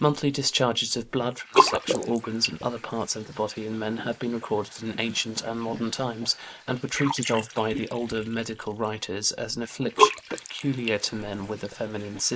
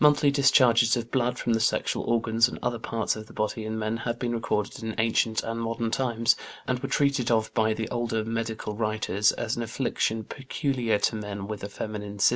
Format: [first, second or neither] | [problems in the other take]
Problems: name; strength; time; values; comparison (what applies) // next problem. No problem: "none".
second | noise reduction (neural mask model Resemble Enhance denoiser)